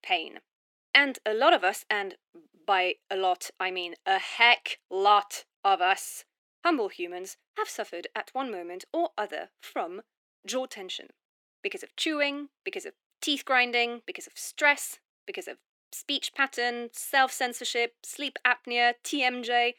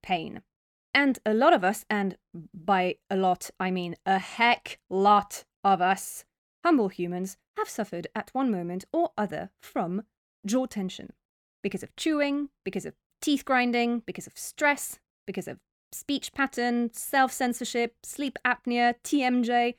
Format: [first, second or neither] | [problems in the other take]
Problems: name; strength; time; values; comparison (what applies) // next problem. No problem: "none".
second | thin; somewhat; fading below 300 Hz